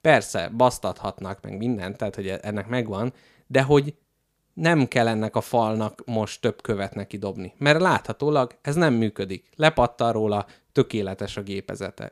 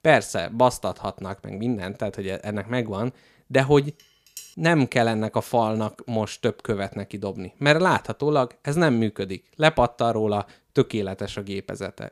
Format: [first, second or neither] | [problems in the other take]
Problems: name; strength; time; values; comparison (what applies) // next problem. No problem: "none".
first | clattering dishes; faint; at 4 s; peak 15 dB below the speech